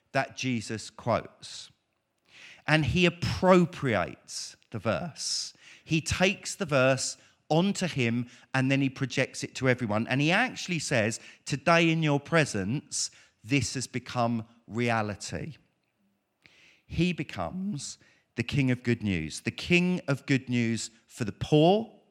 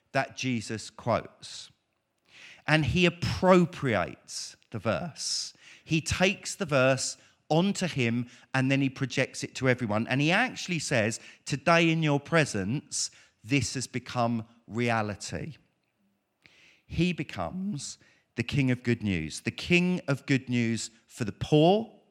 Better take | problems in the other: neither | none

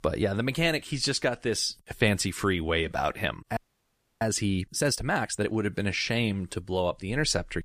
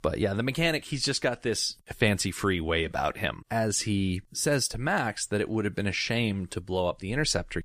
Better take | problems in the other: second | audio freezing; at 3.5 s for 0.5 s

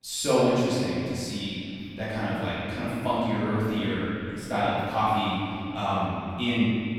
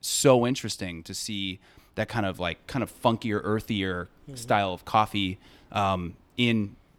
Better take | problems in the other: second | room echo; strong; dies away in 2.6 s // off-mic speech; far

